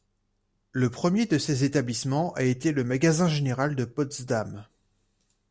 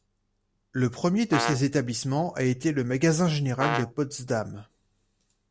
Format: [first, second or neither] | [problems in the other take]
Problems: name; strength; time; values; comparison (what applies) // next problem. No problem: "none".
first | background sound (Brass instrument); 6 dB below the speech